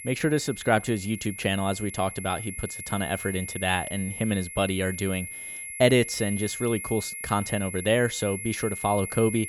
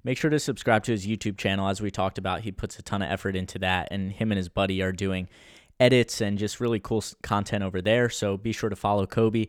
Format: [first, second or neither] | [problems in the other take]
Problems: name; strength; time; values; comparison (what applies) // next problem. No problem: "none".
second | high-pitched whine; loud; throughout; 2 kHz, 8 dB below the speech